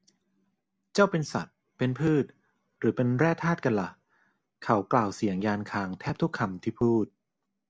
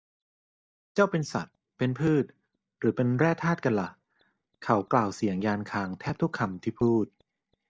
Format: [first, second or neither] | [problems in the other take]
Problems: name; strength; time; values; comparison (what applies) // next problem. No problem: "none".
first | noise reduction (neural mask model DeepFilterNet 3)